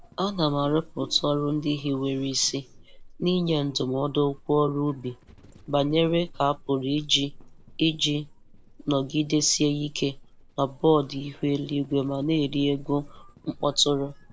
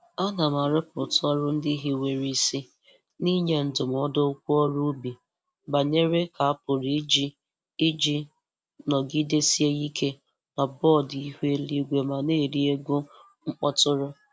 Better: second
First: background sound (Livestock, farm animals, working animals); 19 dB below the speech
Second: none

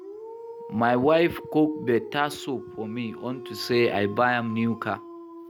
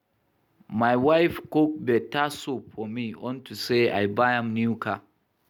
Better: second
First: background sound (Dog); 15 dB below the speech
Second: none

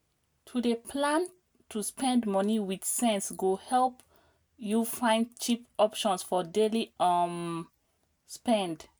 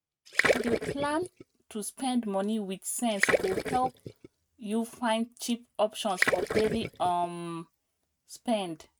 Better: first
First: none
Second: noise reduction (neural mask model RNNoise)

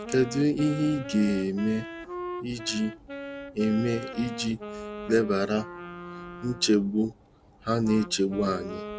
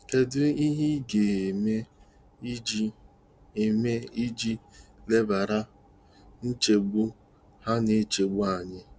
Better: second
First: background sound (Wind instrument, woodwind instrument); 11 dB below the speech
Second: none

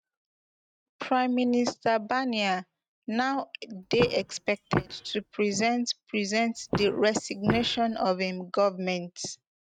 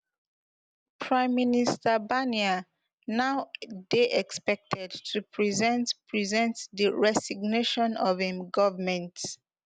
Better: second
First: noise reduction (neural mask model RNNoise)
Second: none

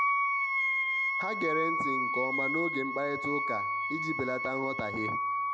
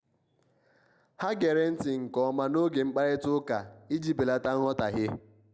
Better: second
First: background sound (Wind instrument, woodwind instrument); 5 dB above the speech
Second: none

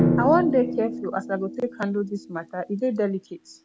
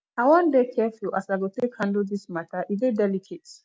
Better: second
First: background sound (Drum); 3 dB below the speech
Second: none

